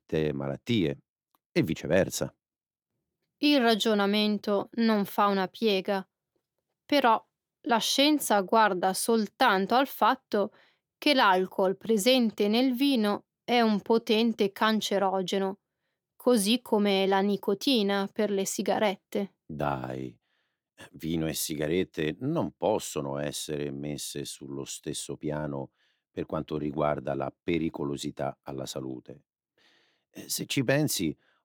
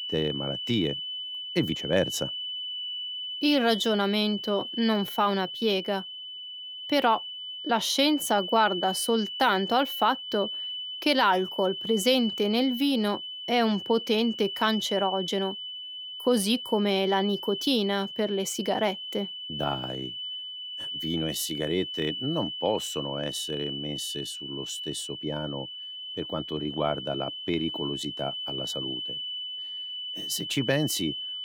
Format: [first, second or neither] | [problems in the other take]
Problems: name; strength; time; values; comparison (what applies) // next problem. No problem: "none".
first | high-pitched whine; loud; throughout; 3 kHz, 6 dB below the speech